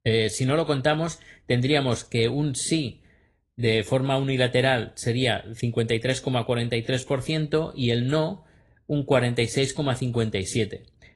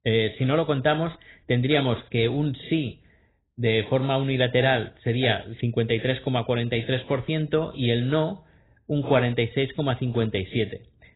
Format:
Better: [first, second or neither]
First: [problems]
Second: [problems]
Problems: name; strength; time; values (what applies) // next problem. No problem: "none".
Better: first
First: garbled, watery; slightly; nothing above 10 kHz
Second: garbled, watery; badly; nothing above 4 kHz